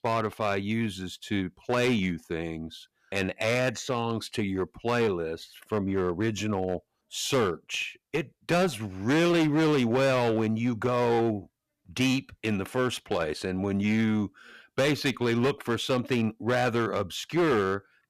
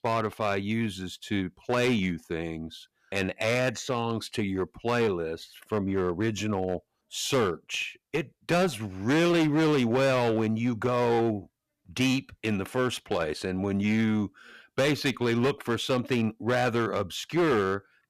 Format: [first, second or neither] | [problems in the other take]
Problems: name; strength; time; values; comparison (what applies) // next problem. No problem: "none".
neither | distortion; slight; 10% of the sound clipped; the same in both